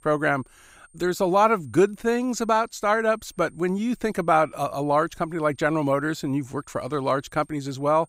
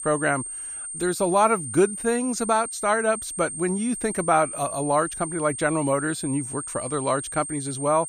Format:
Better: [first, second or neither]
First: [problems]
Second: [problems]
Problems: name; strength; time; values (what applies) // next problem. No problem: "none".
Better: first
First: high-pitched whine; faint; throughout; 8.5 kHz, 35 dB below the speech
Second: high-pitched whine; loud; throughout; 8.5 kHz, 7 dB below the speech